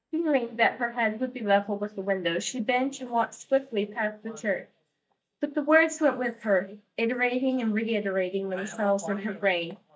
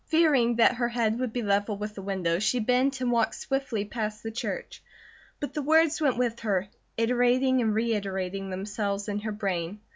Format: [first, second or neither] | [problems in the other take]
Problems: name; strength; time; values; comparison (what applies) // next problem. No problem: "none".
second | noise reduction (neural mask model DeepFilterNet 3)